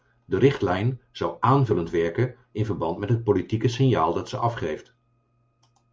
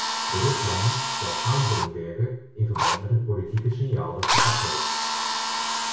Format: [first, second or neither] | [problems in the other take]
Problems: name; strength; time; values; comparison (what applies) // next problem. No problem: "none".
first | background sound (Drill); as loud as the speech // room echo; dies away in 0.6 s